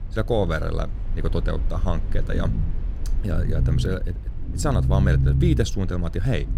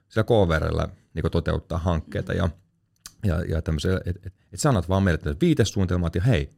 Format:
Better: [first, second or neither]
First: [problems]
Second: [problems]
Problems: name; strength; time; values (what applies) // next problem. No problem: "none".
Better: second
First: low rumble; loud; throughout; 9 dB below the speech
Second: none